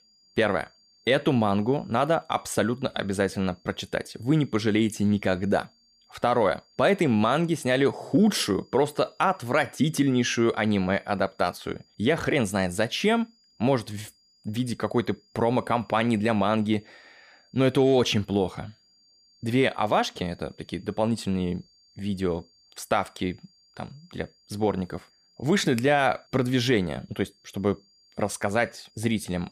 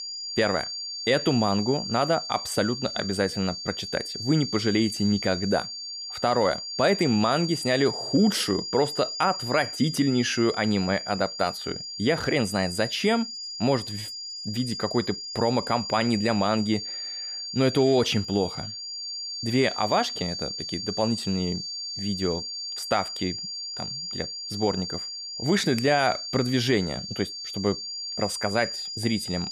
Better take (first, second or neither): first